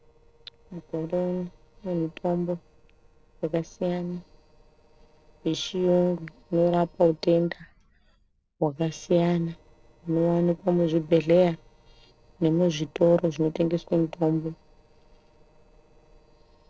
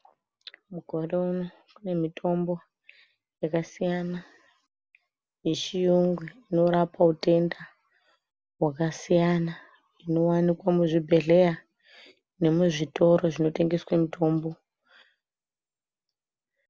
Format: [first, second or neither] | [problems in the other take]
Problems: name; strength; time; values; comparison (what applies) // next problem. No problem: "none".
second | noise reduction (neural separator model SepFormer DNS4)